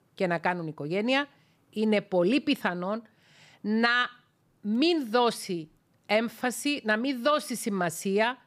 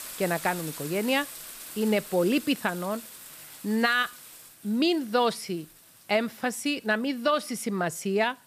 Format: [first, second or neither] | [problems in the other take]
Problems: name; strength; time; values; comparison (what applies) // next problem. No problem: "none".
first | household noises; noticeable; throughout; 15 dB below the speech